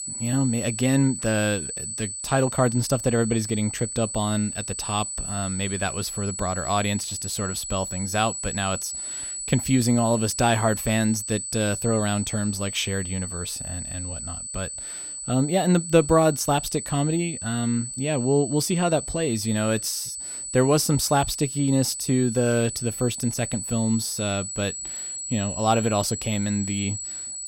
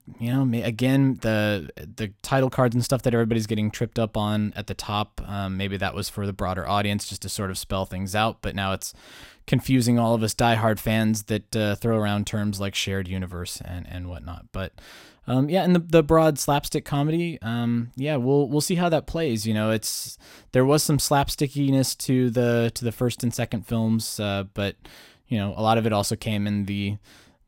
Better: second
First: high-pitched whine; loud; throughout; 8 kHz, 6 dB below the speech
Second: none

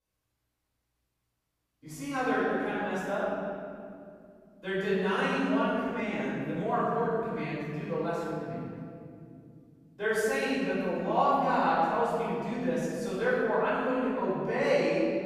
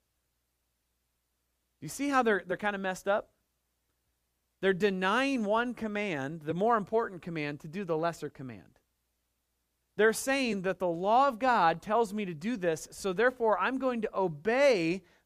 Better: second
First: room echo; strong; dies away in 3 s // off-mic speech; far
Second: none

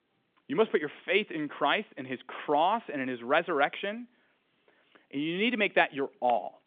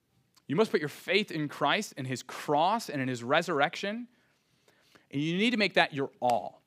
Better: second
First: phone-call audio; nothing above 3.5 kHz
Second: none

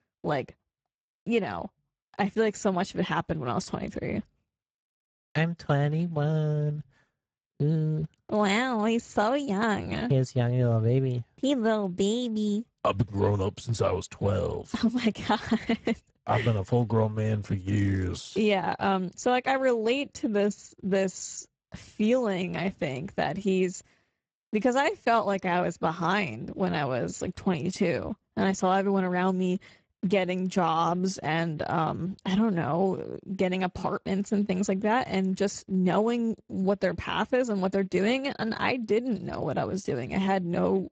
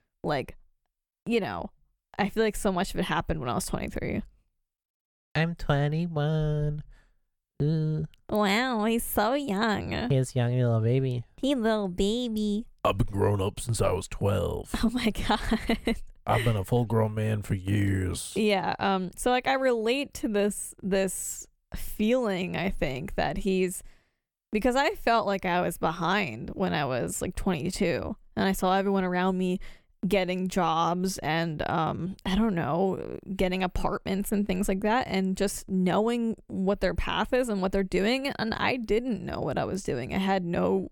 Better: second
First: garbled, watery; badly; nothing above 7.5 kHz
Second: none

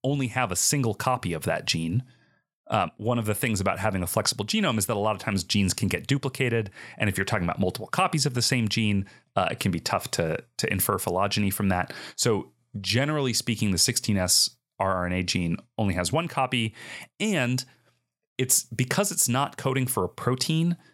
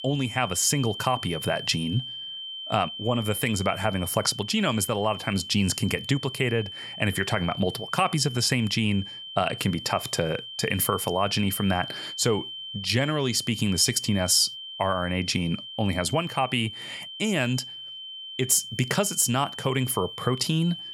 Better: first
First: none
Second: high-pitched whine; noticeable; throughout; 3 kHz, 10 dB below the speech

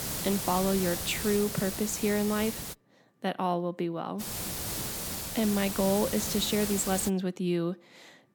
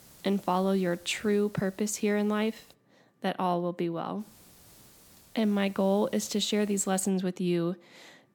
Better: second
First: hiss; loud; until 2.5 s and from 4 to 7 s; 4 dB below the speech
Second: hiss; faint; until 2.5 s and from 4 to 7 s; 25 dB below the speech

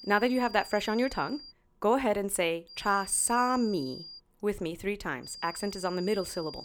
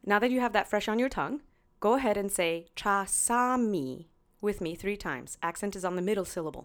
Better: second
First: high-pitched whine; noticeable; until 1.5 s, from 2.5 to 4 s and from 5 s on; 5 kHz, 15 dB below the speech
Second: none

